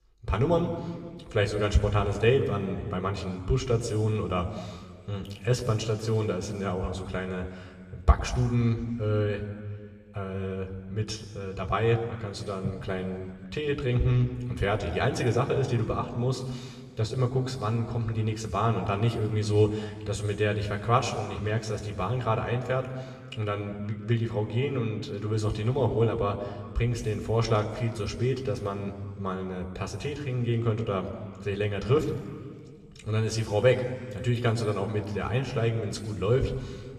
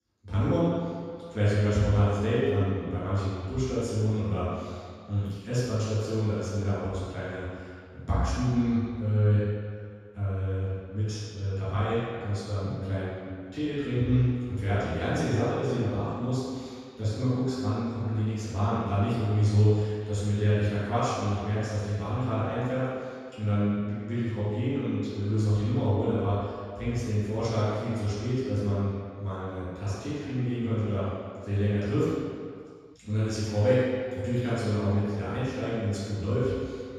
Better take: first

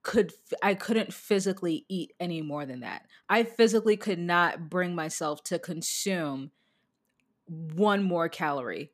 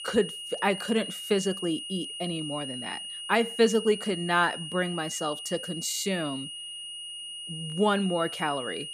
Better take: first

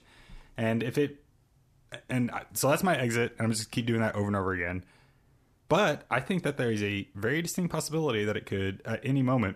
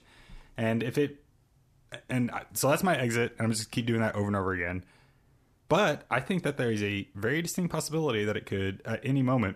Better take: neither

